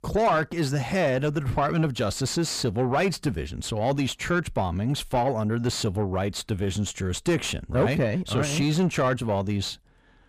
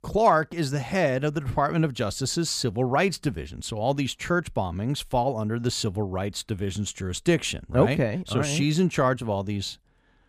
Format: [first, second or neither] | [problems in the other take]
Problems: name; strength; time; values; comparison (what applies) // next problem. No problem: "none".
second | distortion; slight; 10 dB below the speech